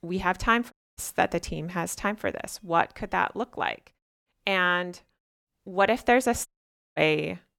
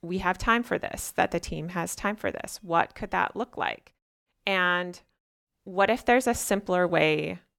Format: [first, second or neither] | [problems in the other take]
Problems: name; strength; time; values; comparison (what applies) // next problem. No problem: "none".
second | audio cutting out; at 0.5 s and at 6.5 s for 0.5 s